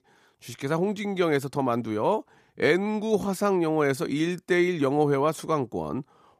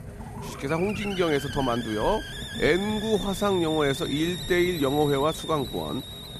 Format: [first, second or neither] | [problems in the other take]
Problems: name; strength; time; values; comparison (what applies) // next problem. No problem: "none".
first | hiss; loud; throughout; 8 dB below the speech